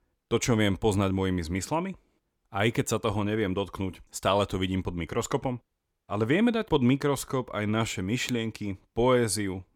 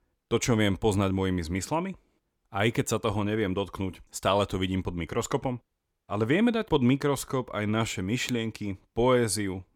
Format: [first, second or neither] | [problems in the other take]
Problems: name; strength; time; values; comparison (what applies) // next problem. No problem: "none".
neither | none